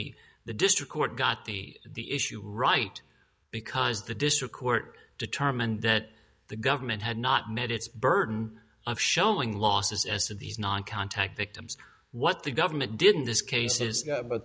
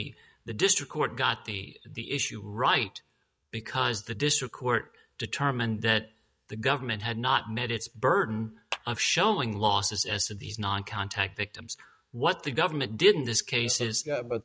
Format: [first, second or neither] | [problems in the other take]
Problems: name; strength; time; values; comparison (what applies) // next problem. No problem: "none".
first | noise reduction (neural mask model RNNoise)